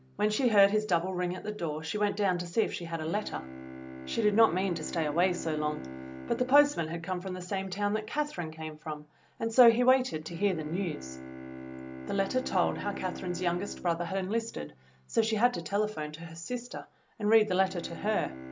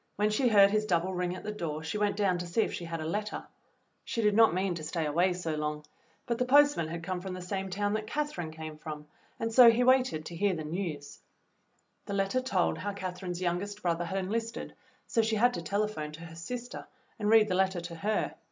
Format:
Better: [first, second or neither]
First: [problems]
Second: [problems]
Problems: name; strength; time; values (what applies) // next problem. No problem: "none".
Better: second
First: background sound (Bowed string instrument); 15 dB below the speech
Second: none